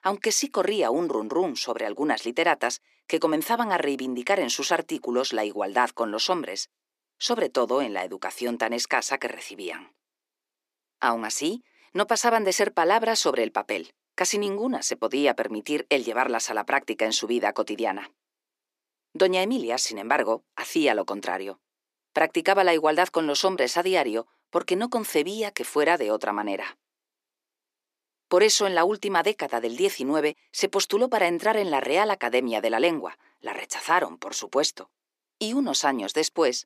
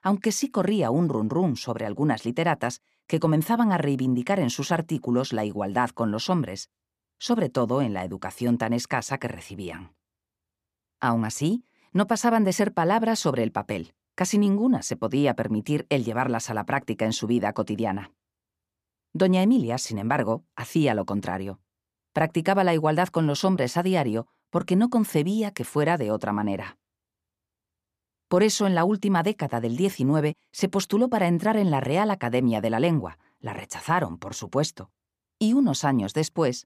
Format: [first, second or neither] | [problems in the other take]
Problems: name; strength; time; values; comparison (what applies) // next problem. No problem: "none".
second | thin; somewhat; fading below 350 Hz